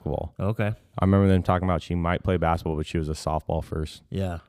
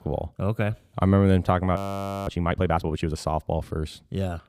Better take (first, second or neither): first